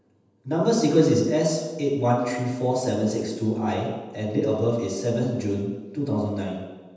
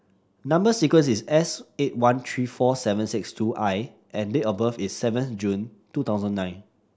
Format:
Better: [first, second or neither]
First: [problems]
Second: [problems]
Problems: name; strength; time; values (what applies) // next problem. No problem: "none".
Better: second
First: room echo; dies away in 1.1 s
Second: none